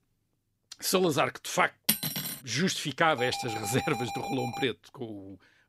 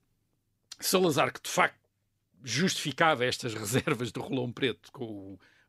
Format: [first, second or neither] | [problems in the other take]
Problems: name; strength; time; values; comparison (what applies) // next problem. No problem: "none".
second | clattering dishes; loud; at 2 s; peak 2 dB above the speech // alarm; noticeable; from 3 to 4.5 s; peak 8 dB below the speech